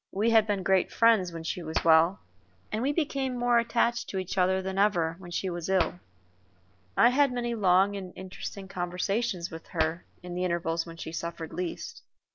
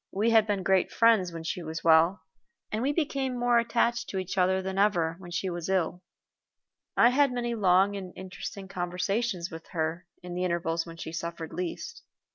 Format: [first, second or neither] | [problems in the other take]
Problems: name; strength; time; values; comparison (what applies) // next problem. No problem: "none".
second | background sound (Hands); 15 dB below the speech